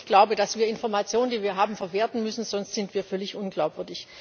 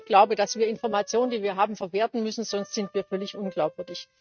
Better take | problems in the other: first | noise reduction (neural mask model RNNoise)

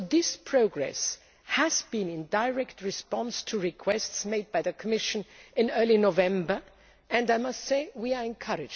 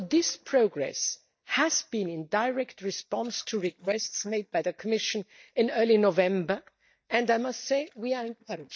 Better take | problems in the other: first | noise reduction (neural mask model DeepFilterNet 3)

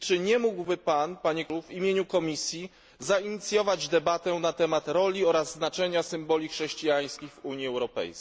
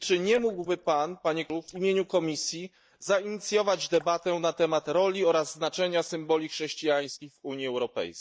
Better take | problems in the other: first | noise reduction (neural mask model DeepFilterNet 3)

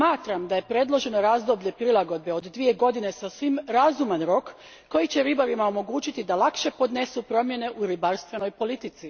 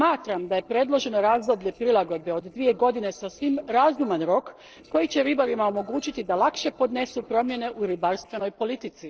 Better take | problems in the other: first | noise reduction (neural separator model SepFormer DNS4)

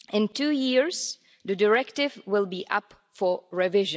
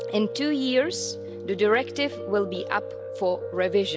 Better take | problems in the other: first | background sound (Piano); 9 dB below the speech

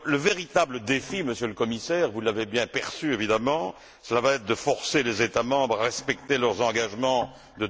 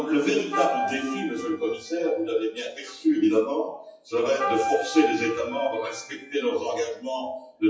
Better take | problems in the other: first | noise reduction (classical method WPE with log-MMSE)

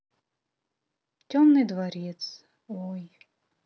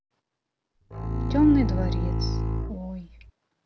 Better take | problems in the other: first | background sound (Bowed string instrument); 1 dB above the speech

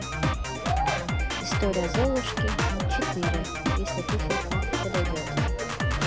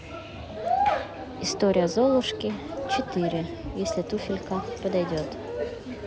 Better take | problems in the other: second | background sound (Drum kit); 4 dB above the speech

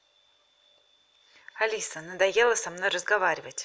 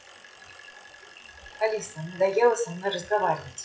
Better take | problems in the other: first | noise reduction (classical method WPE with log-MMSE)

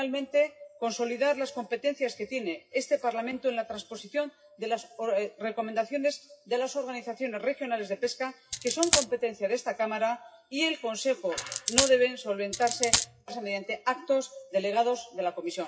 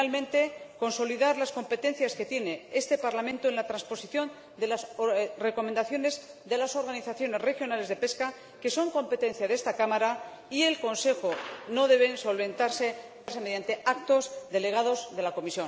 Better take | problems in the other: second | noise reduction (classical method WPE with log-MMSE)

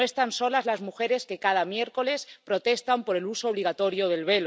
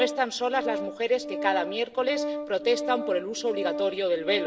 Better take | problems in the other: first | background sound (Organ); 6 dB below the speech // room echo; dies away in 1 s

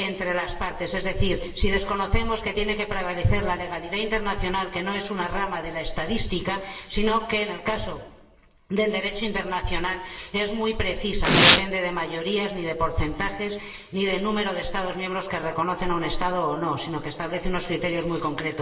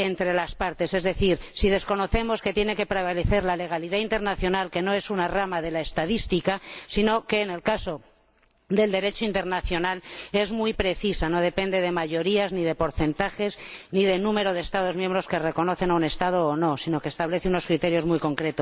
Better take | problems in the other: second | background sound (Domestic sounds, home sounds); 1 dB above the speech // room echo; dies away in 1.1 s

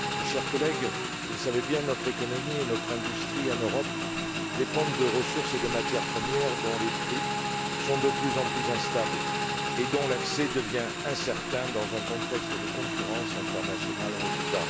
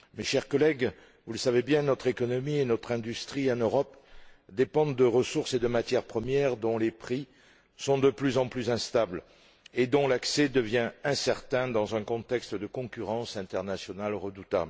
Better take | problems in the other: second | background sound (Motorcycle / Engine); 1 dB above the speech

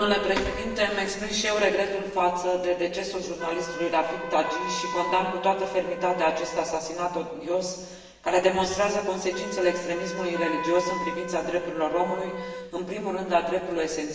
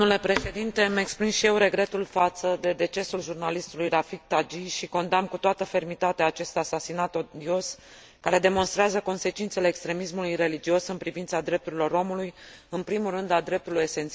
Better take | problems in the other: second | background sound (Wind instrument, woodwind instrument); 11 dB below the speech // room echo; dies away in 1.2 s

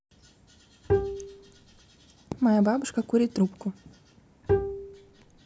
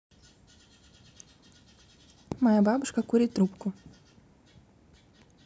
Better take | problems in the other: second | background sound (Bowed string instrument); as loud as the speech

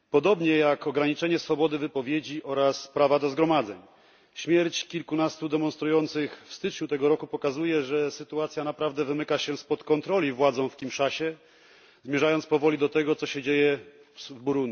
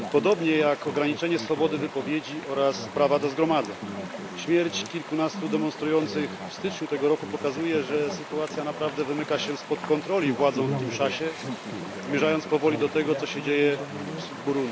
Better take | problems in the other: first | background sound (Chatter / Stream); 8 dB below the speech

